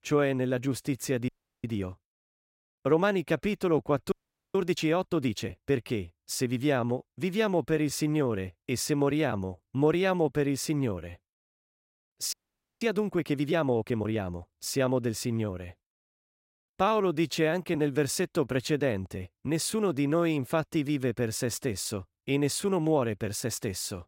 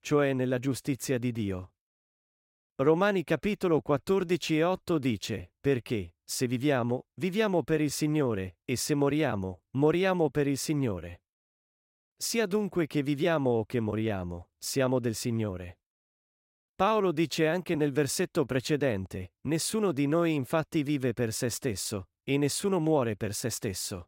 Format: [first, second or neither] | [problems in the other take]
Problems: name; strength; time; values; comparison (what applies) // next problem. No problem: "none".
second | audio freezing; at 1.5 s, at 4 s and at 12 s